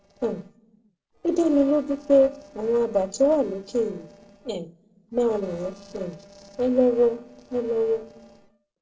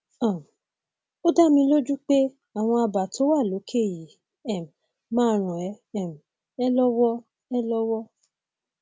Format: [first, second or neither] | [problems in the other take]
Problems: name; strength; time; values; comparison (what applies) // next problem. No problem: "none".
second | noise reduction (neural separator model SepFormer DNS4)